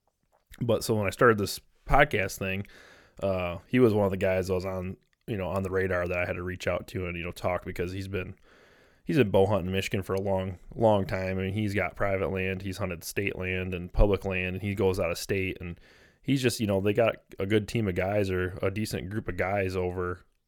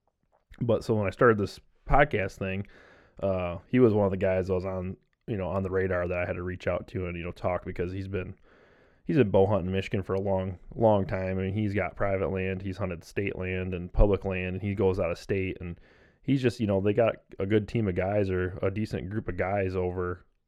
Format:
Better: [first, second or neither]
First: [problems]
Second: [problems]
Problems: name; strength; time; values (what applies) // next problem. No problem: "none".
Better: first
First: none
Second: muffled; slightly; fading above 1.5 kHz